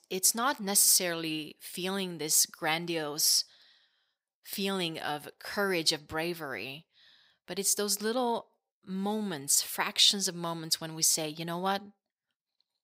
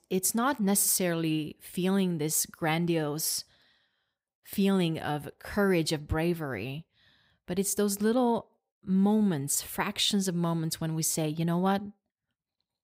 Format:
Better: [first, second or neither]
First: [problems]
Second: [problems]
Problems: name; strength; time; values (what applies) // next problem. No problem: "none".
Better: second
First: thin; somewhat; fading below 650 Hz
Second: none